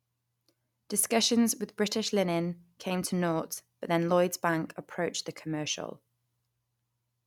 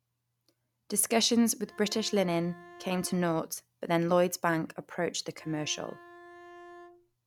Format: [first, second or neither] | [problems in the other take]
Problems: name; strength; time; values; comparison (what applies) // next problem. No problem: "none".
first | background sound (Bowed string instrument); 20 dB below the speech